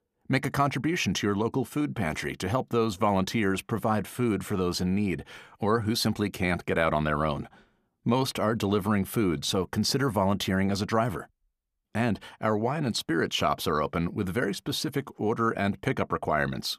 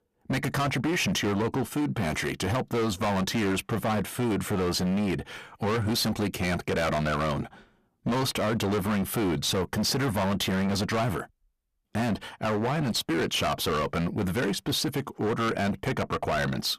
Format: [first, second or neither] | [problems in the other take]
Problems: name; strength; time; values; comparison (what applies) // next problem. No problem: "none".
first | distortion; heavy; 24% of the sound clipped